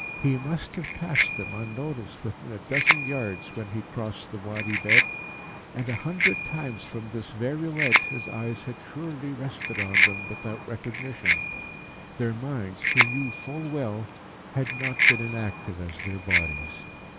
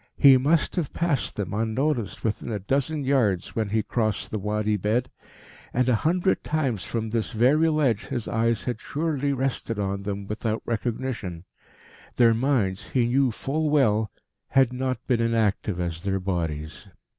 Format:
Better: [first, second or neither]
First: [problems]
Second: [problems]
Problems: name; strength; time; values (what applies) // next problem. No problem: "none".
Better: second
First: background sound (Bicycle bell); 3 dB above the speech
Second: none